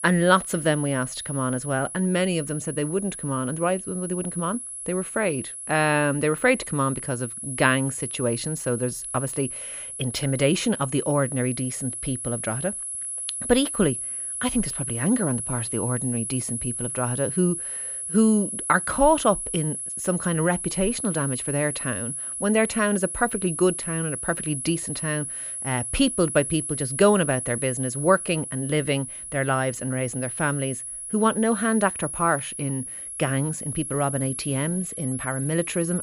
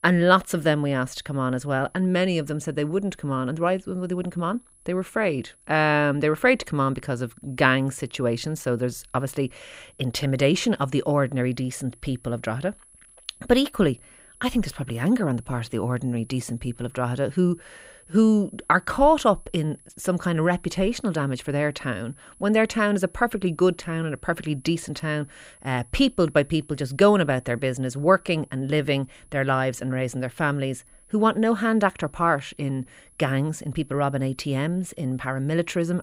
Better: second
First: high-pitched whine; loud; throughout; 10.5 kHz, 5 dB below the speech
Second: high-pitched whine; faint; throughout; 10.5 kHz, 30 dB below the speech

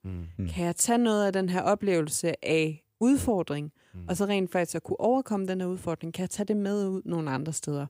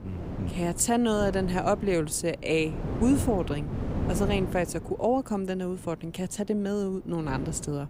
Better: first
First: none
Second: wind noise on the microphone; occasional gusts; 10 dB below the speech

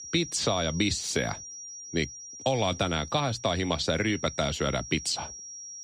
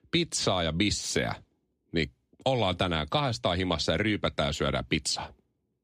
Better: second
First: high-pitched whine; noticeable; throughout; 5.5 kHz, 10 dB below the speech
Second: none

